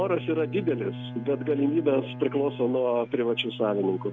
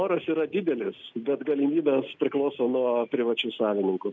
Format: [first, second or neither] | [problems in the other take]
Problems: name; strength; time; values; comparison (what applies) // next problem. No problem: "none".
second | background sound (Bowed string instrument); 11 dB below the speech